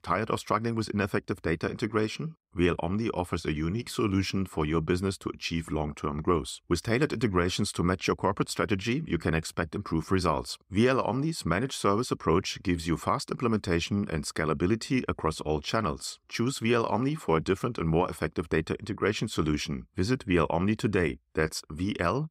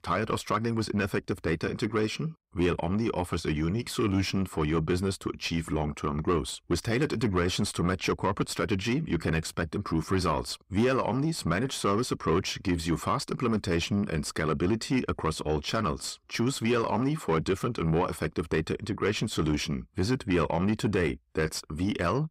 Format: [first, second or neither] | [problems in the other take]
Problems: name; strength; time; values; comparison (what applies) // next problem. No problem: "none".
first | distortion; slight; 10 dB below the speech